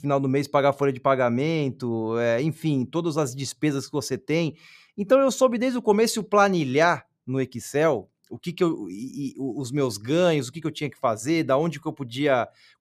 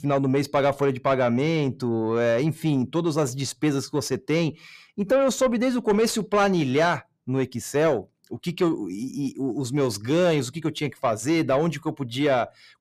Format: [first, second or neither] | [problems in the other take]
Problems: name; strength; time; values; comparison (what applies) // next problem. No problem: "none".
first | distortion; slight; 10 dB below the speech